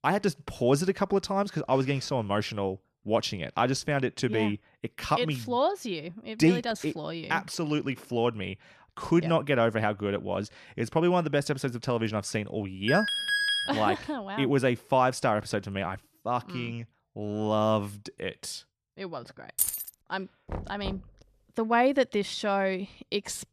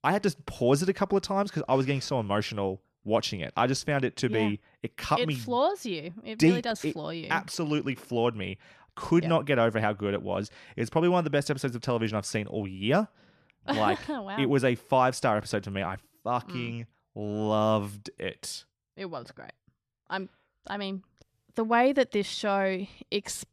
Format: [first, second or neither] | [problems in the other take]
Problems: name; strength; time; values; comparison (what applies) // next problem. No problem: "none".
second | alarm; loud; at 13 s; peak 4 dB above the speech // jangling keys; loud; at 20 s; peak 1 dB above the speech // door banging; noticeable; at 20 s; peak 10 dB below the speech